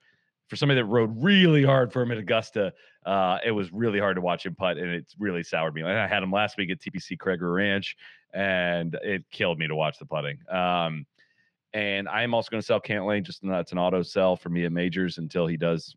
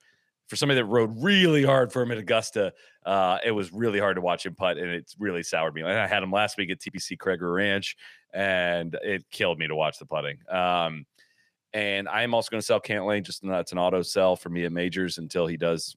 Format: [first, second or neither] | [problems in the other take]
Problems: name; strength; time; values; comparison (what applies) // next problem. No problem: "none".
second | muffled; very slightly; fading above 3 kHz